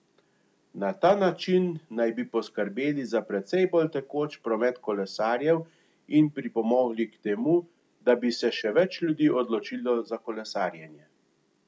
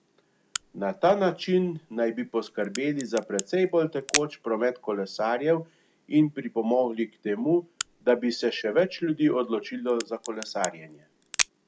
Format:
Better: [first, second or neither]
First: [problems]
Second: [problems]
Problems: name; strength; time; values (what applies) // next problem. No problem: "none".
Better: first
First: none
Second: background sound (Crack); 10 dB below the speech